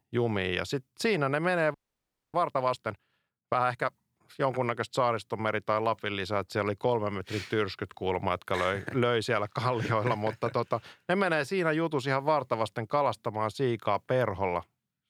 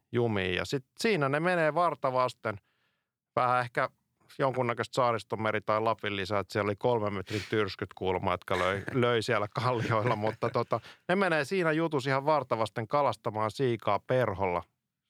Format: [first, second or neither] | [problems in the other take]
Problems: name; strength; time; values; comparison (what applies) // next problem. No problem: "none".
second | audio freezing; at 1.5 s for 0.5 s